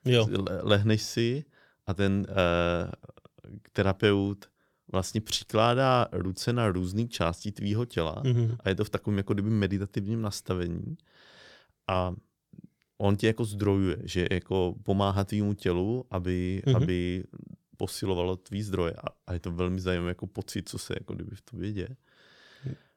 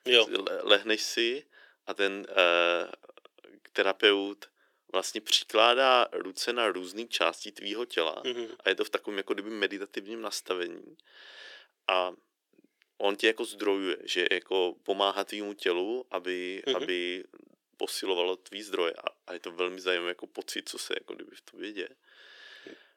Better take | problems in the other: first | thin; very; fading below 350 Hz

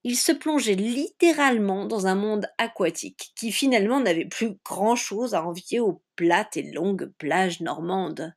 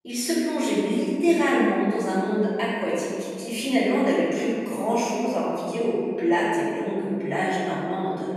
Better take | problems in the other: first | off-mic speech; far // room echo; strong; dies away in 2.5 s

